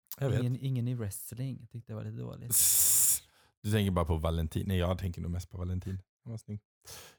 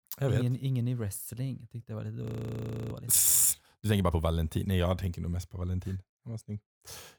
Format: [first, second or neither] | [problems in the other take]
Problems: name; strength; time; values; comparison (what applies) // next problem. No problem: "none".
first | audio freezing; at 2 s for 0.5 s